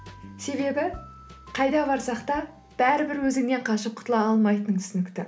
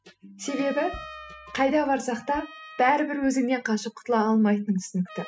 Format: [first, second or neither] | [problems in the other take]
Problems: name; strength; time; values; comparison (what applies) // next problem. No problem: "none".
first | noise reduction (classical method spectral subtraction)